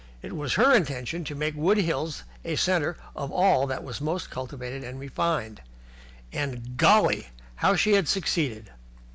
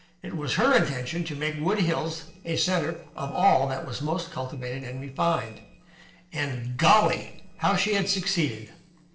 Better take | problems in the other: first | noise reduction (neural separator model SepFormer DNS4)

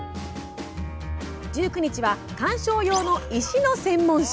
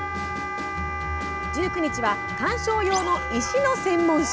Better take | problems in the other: first | background sound (Wind instrument, woodwind instrument); 5 dB below the speech

